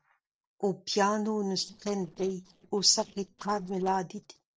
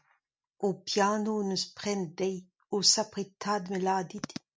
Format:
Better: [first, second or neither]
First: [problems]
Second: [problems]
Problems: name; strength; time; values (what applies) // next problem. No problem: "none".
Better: second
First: noise reduction (neural separator model SepFormer DNS4)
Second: none